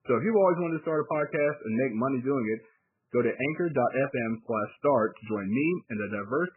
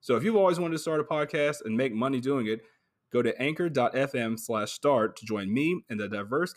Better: second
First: garbled, watery; badly; nothing above 2.5 kHz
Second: none

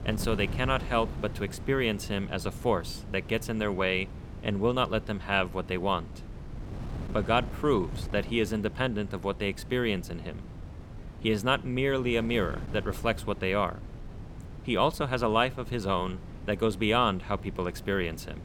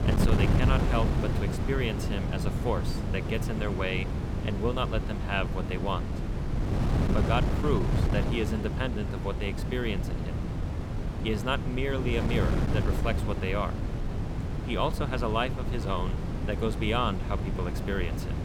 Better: first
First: wind noise on the microphone; occasional gusts; 20 dB below the speech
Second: wind noise on the microphone; heavy; 5 dB below the speech

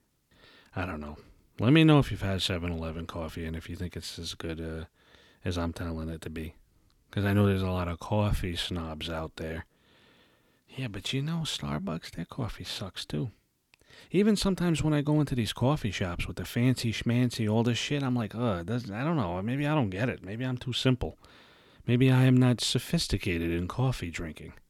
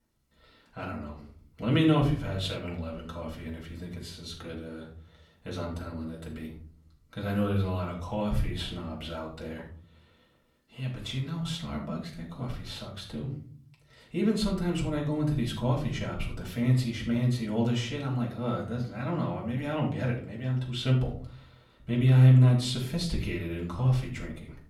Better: first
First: none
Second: off-mic speech; far // room echo; slight; dies away in 0.5 s

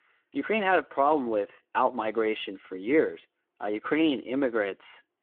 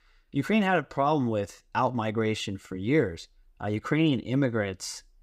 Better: second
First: phone-call audio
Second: none

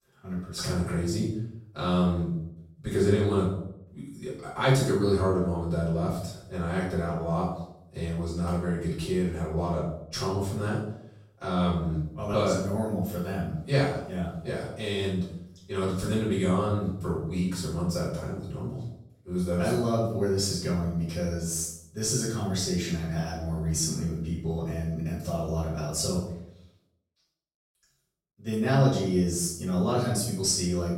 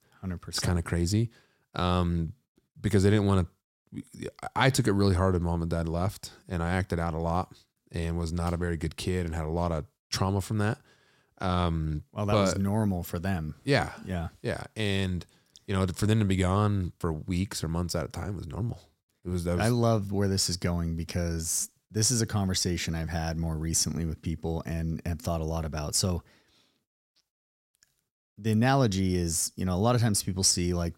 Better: second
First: room echo; noticeable; dies away in 0.6 s // off-mic speech; far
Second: none

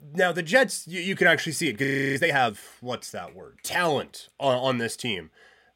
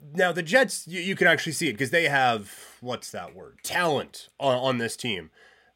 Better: second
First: audio freezing; at 2 s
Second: none

